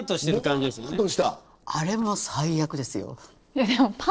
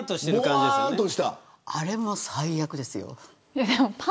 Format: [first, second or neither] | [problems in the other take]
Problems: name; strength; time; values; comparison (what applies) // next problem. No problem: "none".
second | noise reduction (neural separator model SepFormer DNS4)